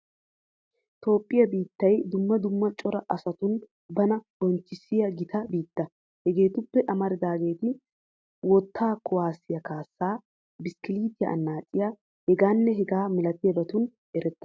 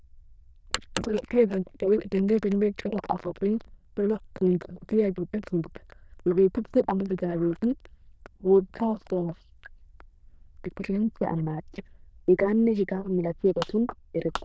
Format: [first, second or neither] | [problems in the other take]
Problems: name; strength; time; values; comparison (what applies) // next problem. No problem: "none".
first | noise reduction (neural diffusion model UNIVERSE++)